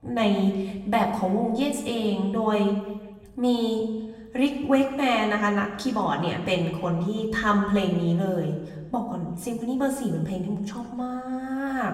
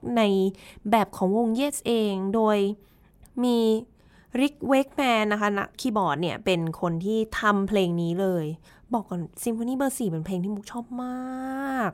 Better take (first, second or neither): second